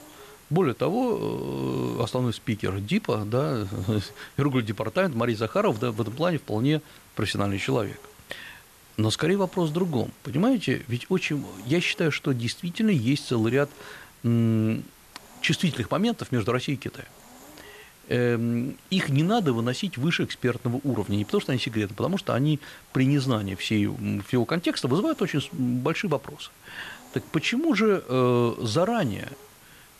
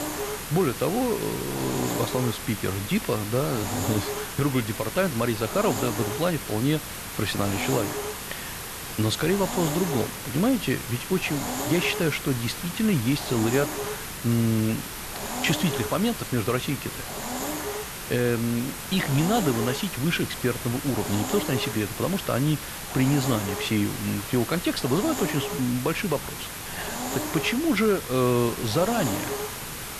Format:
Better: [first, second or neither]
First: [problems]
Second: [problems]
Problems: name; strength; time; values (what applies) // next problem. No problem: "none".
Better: first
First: hiss; faint; throughout; 25 dB below the speech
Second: hiss; loud; throughout; 5 dB below the speech